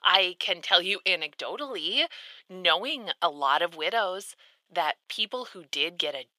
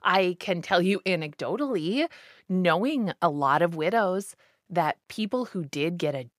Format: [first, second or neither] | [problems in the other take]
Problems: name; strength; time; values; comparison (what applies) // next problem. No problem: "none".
second | thin; very; fading below 600 Hz